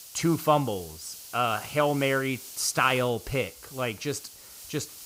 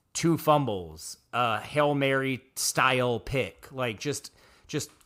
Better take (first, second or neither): second